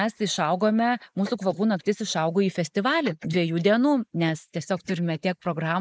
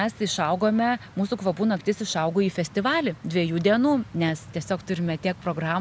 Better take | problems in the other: second | noise reduction (neural mask model Resemble Enhance denoiser)

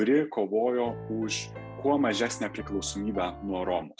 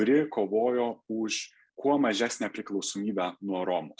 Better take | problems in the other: second | background sound (Piano); 12 dB below the speech

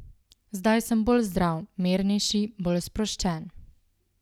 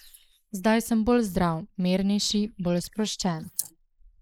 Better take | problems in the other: first | noise reduction (neural mask model Resemble Enhance denoiser)

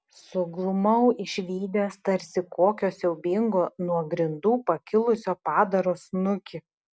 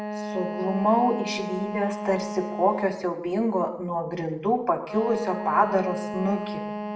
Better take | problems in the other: first | background sound (Wind instrument, woodwind instrument); 7 dB below the speech // room echo; dies away in 0.7 s

